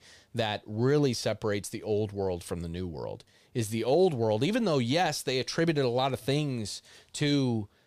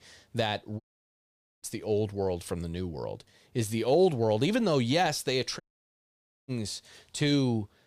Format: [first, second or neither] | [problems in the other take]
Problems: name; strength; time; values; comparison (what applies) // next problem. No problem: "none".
first | audio cutting out; at 1 s for 1 s and at 5.5 s for 1 s